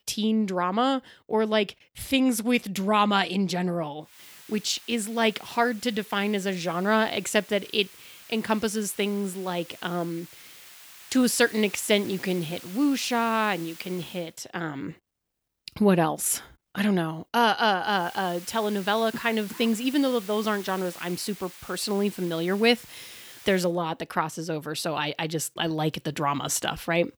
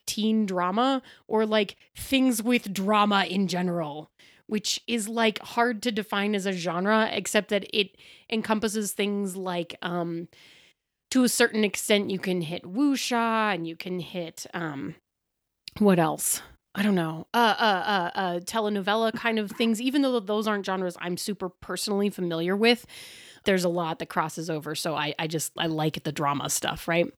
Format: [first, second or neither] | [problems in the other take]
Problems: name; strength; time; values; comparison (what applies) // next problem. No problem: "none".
second | hiss; noticeable; from 4 to 14 s and from 18 to 24 s; 20 dB below the speech